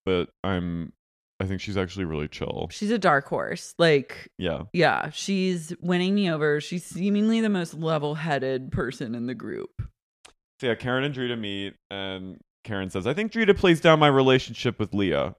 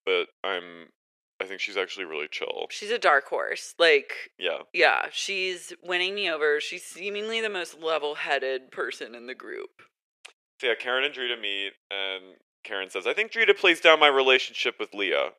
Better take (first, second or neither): first